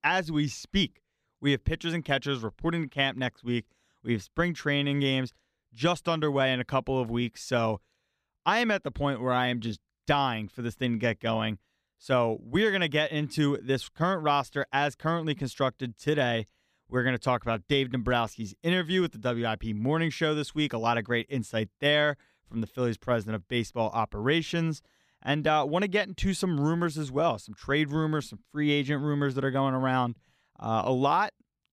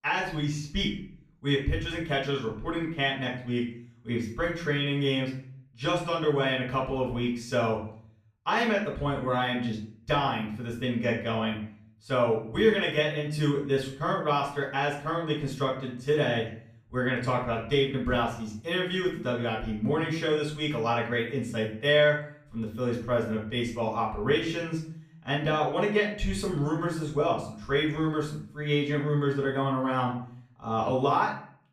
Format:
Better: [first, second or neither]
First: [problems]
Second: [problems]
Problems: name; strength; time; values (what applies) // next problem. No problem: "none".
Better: first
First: none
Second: off-mic speech; far // room echo; noticeable; dies away in 0.5 s